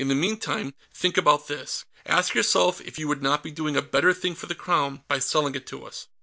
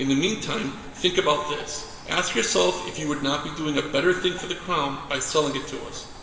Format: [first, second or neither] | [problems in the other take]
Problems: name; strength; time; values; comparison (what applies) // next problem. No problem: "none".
first | background sound (Rain); 15 dB below the speech // room echo; dies away in 1.9 s